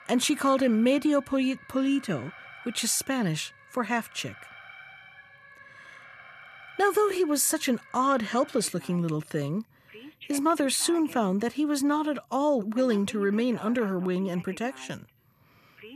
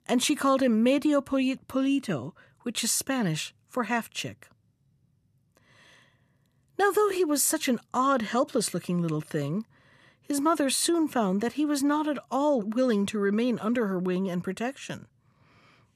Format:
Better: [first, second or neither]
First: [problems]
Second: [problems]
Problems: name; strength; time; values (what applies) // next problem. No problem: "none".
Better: second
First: alarms or sirens; faint; throughout; 20 dB below the speech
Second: none